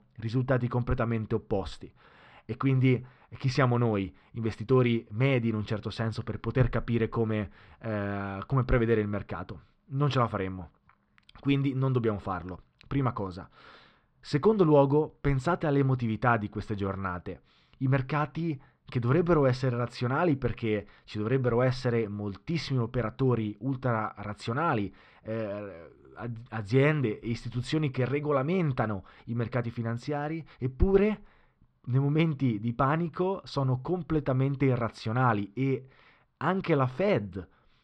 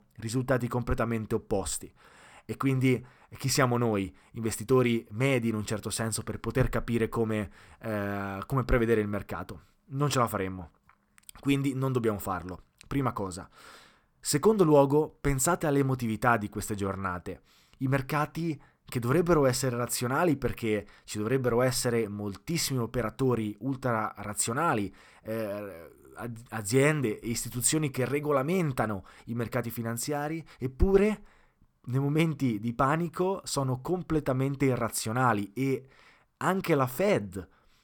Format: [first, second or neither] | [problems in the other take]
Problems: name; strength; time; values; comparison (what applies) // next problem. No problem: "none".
second | muffled; slightly; fading above 4 kHz